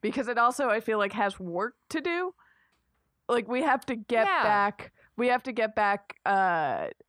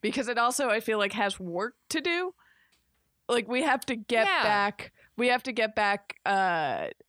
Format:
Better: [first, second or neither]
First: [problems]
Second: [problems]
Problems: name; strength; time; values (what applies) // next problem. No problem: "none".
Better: second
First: muffled; slightly; fading above 2 kHz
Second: none